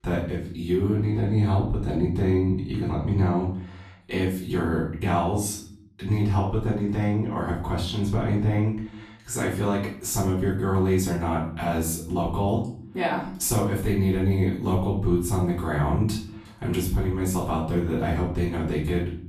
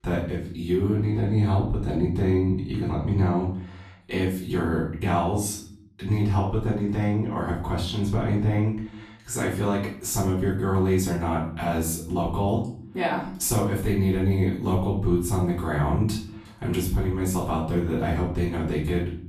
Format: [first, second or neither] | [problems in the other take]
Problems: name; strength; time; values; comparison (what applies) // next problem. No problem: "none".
neither | off-mic speech; far; the same in both // room echo; noticeable; dies away in 0.5 s; the same in both